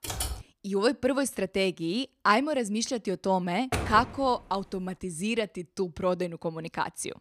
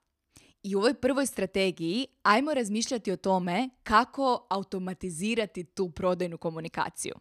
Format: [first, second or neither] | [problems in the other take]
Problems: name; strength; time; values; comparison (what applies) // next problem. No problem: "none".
second | keyboard typing; noticeable; at the start; peak 4 dB below the speech // door banging; noticeable; at 3.5 s; peak 3 dB below the speech